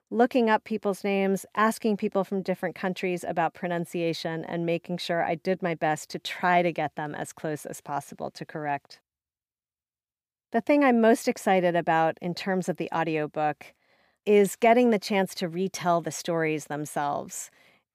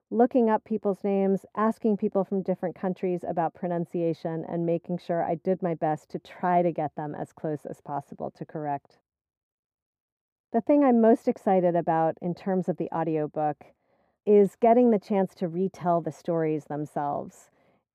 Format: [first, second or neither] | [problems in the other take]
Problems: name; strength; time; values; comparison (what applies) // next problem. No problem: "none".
first | muffled; very; fading above 1.5 kHz